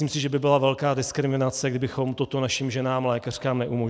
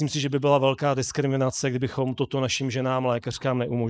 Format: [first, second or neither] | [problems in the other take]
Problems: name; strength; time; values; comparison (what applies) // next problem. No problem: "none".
first | noise reduction (neural mask model Resemble Enhance denoiser)